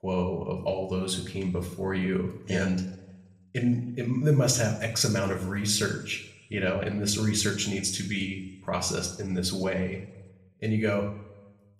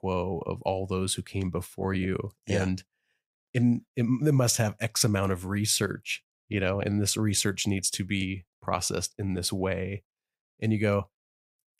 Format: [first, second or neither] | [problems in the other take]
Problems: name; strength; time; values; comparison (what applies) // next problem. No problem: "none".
second | room echo; slight; dies away in 0.7 s // off-mic speech; somewhat distant